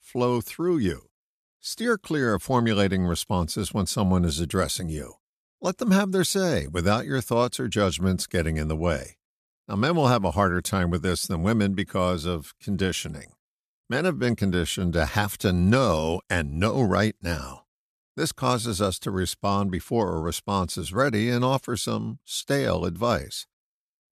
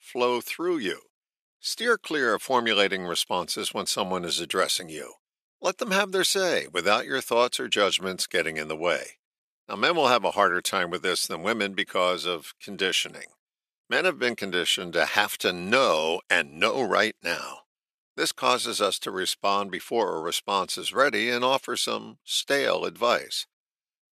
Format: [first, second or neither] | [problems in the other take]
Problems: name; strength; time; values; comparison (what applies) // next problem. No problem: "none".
first | thin; somewhat; fading below 450 Hz